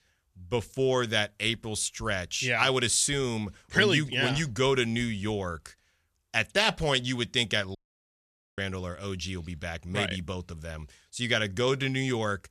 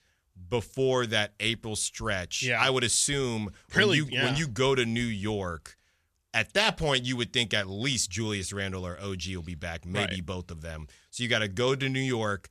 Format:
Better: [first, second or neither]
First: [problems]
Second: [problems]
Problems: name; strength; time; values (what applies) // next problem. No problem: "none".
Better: second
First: audio cutting out; at 8 s for 1 s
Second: none